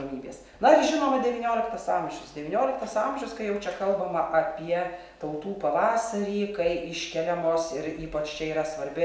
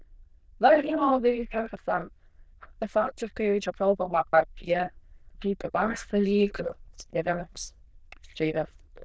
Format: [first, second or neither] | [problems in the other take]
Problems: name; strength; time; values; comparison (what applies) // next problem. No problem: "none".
first | noise reduction (neural diffusion model UNIVERSE++)